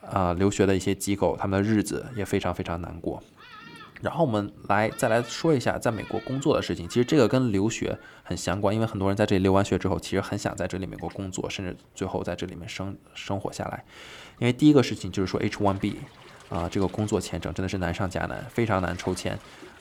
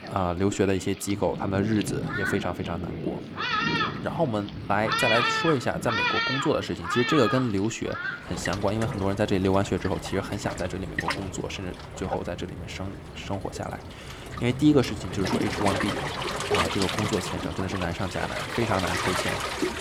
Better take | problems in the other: first | rain or running water; loud; throughout; 2 dB below the speech; faint in the first

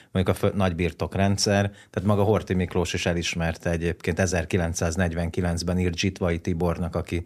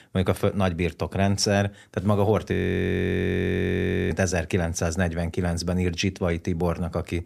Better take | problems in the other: first | audio freezing; at 2.5 s for 1.5 s

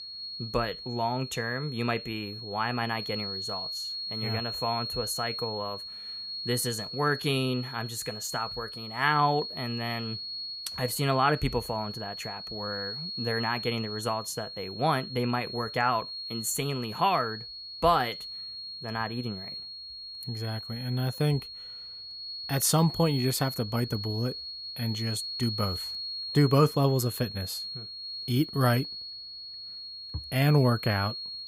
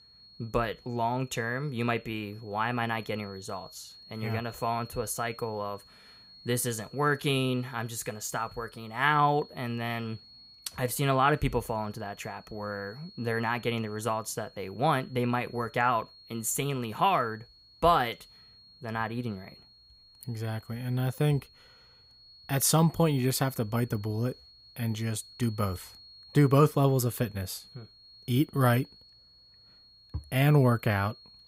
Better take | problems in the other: second | high-pitched whine; loud; throughout; 4.5 kHz, 7 dB below the speech; faint in the second

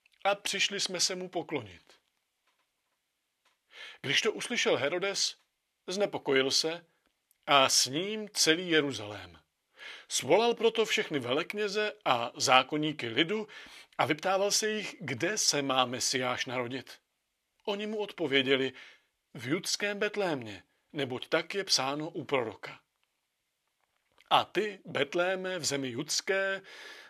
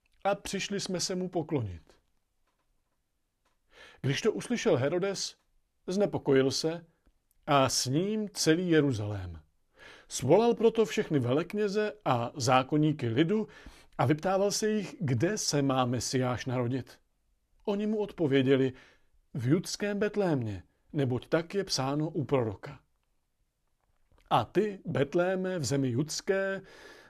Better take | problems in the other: second | thin; somewhat; fading below 750 Hz

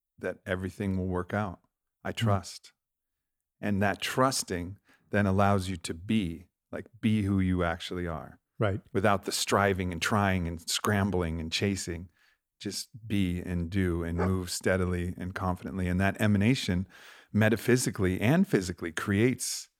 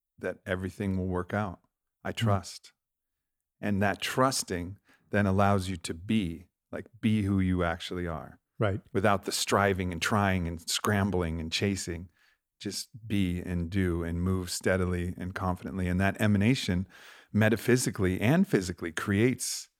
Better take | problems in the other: second | dog barking; noticeable; at 14 s; peak 8 dB below the speech

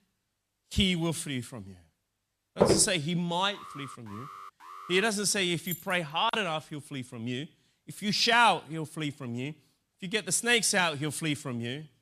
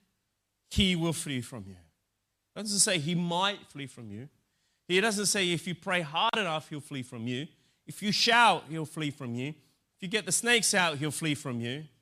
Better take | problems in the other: second | footsteps; loud; at 2.5 s; peak 2 dB above the speech // alarm; faint; from 3.5 to 5 s; peak 15 dB below the speech // jangling keys; faint; at 5.5 s; peak 10 dB below the speech

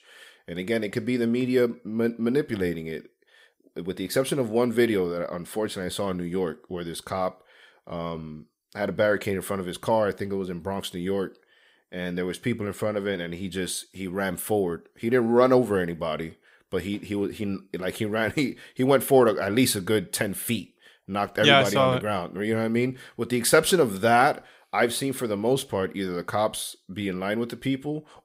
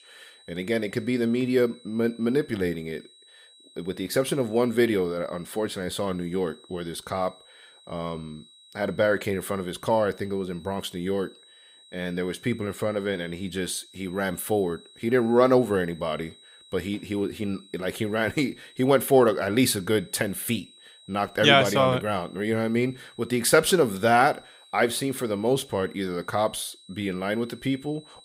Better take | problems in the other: first | high-pitched whine; faint; throughout; 4 kHz, 25 dB below the speech

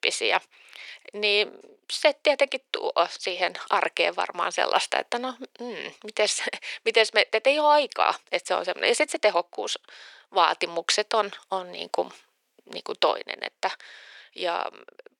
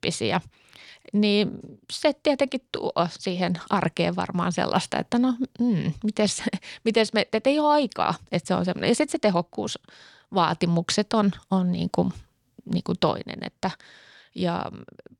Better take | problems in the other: second | thin; very; fading below 400 Hz

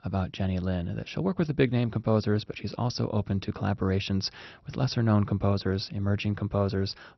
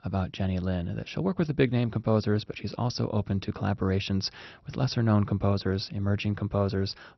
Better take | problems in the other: neither | garbled, watery; slightly; nothing above 5.5 kHz; the same in both

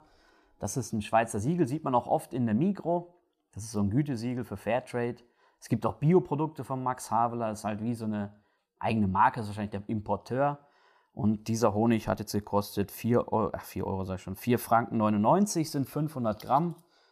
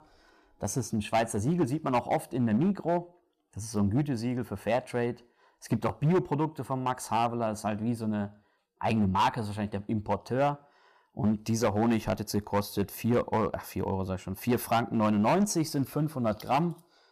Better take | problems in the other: first | distortion; slight; 5% of the sound clipped

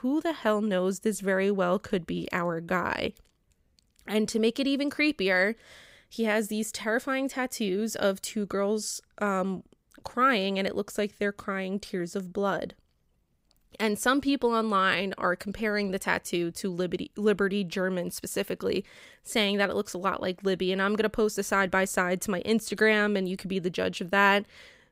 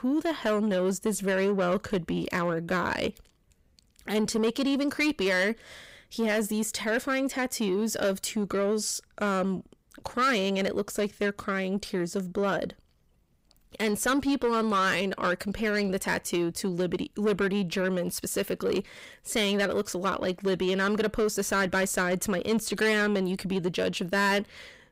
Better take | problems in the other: first | distortion; slight; 10 dB below the speech

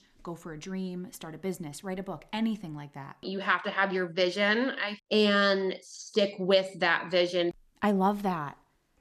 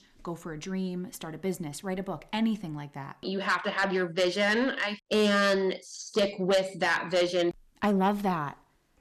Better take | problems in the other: first | distortion; slight; 10 dB below the speech

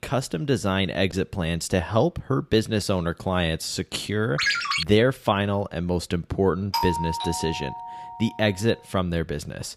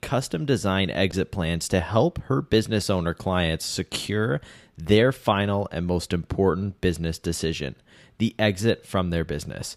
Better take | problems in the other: second | phone ringing; loud; at 4.5 s; peak 3 dB above the speech // doorbell; noticeable; from 6.5 to 8.5 s; peak 1 dB below the speech

